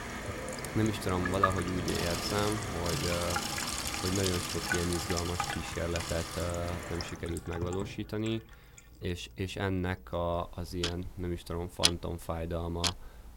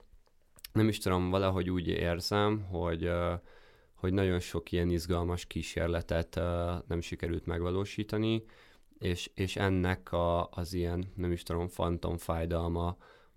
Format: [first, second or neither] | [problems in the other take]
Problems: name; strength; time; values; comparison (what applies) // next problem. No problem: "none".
second | household noises; very loud; throughout; 1 dB above the speech